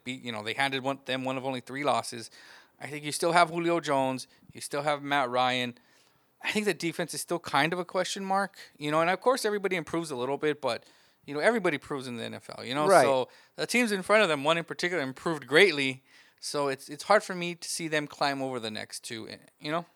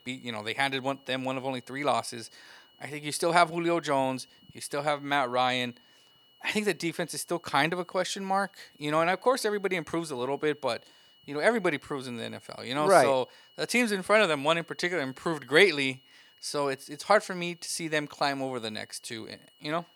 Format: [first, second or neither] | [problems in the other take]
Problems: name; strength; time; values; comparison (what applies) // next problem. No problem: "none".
first | high-pitched whine; faint; throughout; 3 kHz, 30 dB below the speech